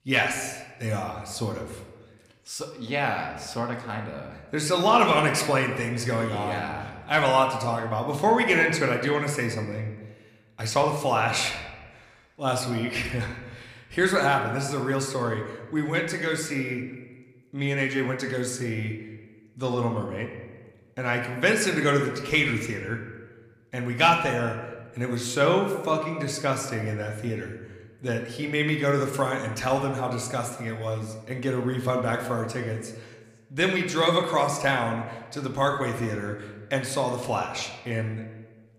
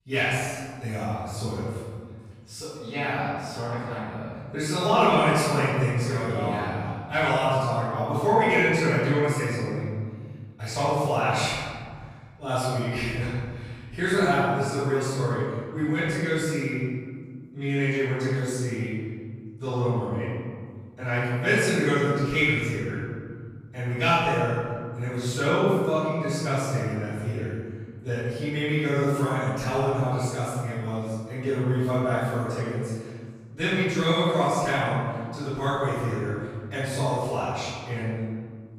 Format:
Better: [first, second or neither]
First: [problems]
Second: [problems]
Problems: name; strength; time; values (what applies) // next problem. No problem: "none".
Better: first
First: room echo; slight; dies away in 1 s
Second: room echo; strong; dies away in 2.1 s // off-mic speech; far